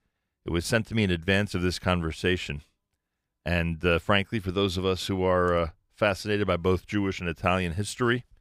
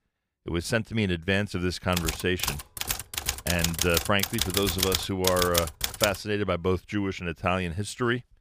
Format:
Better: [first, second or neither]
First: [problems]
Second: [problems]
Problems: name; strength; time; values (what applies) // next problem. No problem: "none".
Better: first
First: none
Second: keyboard typing; loud; from 2 to 6 s; peak 2 dB above the speech